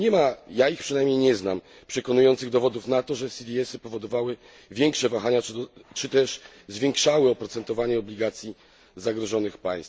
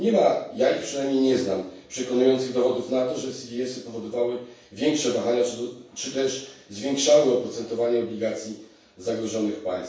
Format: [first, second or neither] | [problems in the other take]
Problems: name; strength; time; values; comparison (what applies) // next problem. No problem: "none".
first | room echo; dies away in 0.7 s